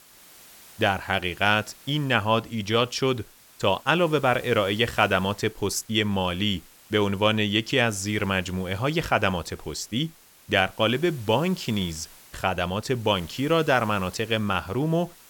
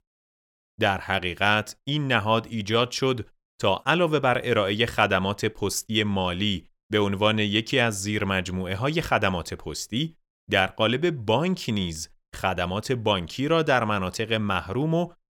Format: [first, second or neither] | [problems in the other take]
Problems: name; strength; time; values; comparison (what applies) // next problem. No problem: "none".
second | hiss; faint; throughout; 25 dB below the speech